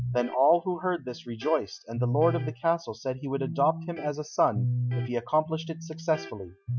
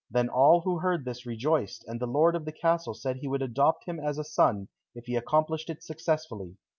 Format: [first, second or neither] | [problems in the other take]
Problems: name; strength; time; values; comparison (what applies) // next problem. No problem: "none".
second | noise reduction (classical method Wiener filter)